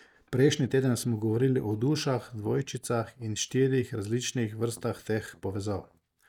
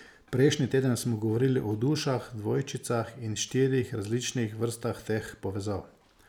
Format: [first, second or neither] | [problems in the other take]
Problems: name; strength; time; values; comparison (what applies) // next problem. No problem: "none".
second | noise reduction (neural mask model DeepFilterNet 3)